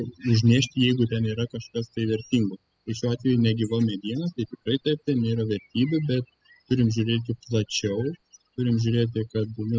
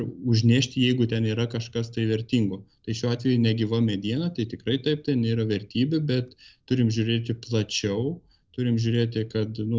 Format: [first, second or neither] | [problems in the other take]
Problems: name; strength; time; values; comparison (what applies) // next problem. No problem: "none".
second | noise reduction (classical method spectral subtraction)